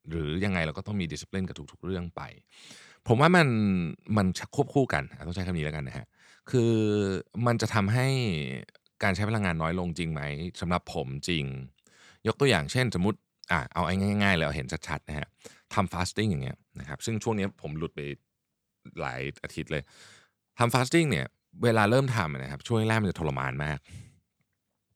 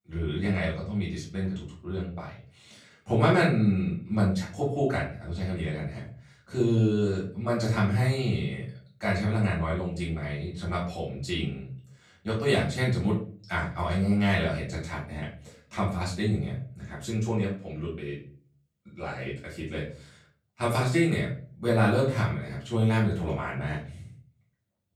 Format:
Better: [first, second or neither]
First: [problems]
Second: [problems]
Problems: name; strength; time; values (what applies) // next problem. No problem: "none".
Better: first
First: none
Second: off-mic speech; far // room echo; slight; dies away in 0.4 s